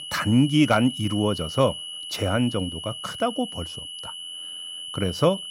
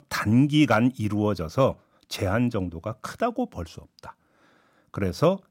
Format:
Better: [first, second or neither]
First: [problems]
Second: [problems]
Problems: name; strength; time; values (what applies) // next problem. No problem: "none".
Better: second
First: high-pitched whine; loud; throughout; 3 kHz, 9 dB below the speech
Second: none